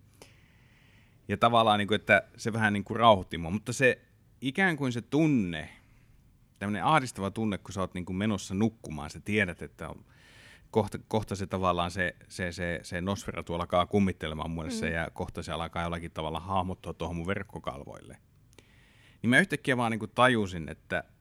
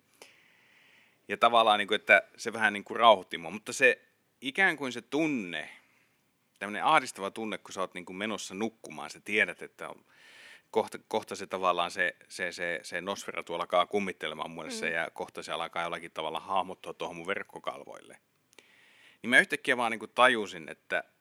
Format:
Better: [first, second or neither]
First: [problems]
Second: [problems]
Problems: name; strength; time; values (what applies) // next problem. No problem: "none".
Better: first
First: none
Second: thin; somewhat; fading below 350 Hz